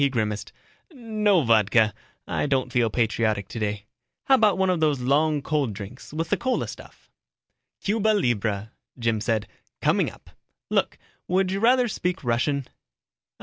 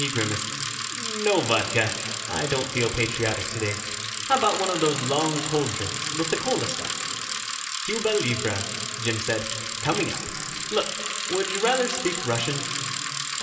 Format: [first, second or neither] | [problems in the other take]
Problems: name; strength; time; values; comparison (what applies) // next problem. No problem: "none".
first | background sound (Bicycle); 3 dB below the speech // room echo; dies away in 2.4 s